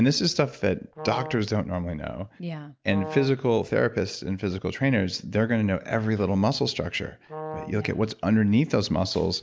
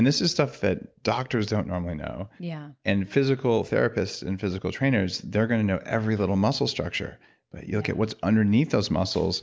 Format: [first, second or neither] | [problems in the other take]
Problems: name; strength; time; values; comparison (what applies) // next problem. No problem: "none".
second | background sound (Brass instrument); 12 dB below the speech